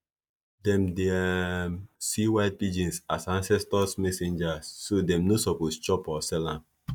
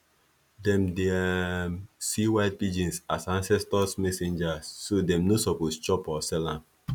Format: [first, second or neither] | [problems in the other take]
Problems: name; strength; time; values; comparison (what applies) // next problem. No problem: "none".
second | noise reduction (neural mask model DeepFilterNet 3)